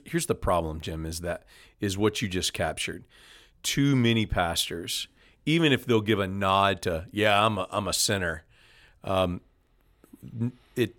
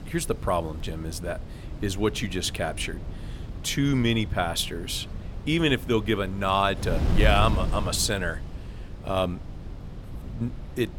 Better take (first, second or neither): first